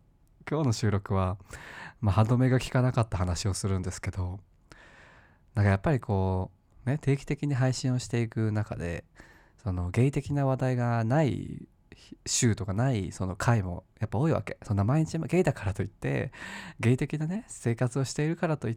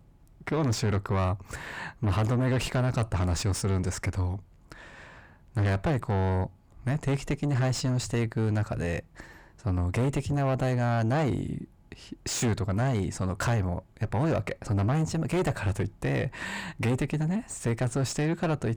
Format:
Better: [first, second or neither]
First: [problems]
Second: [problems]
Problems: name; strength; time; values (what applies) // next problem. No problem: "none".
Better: first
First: none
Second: distortion; heavy; 6 dB below the speech